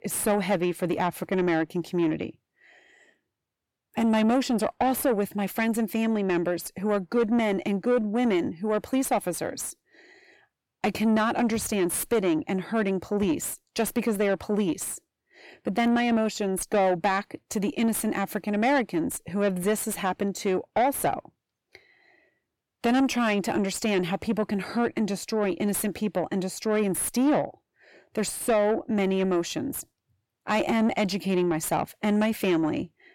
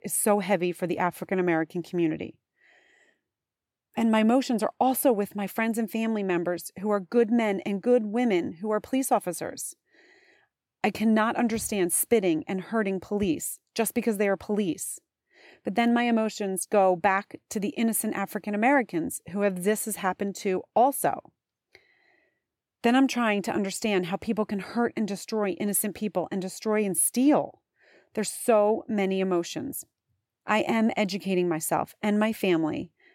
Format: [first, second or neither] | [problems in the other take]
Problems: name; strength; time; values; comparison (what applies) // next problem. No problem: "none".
second | distortion; slight; 10 dB below the speech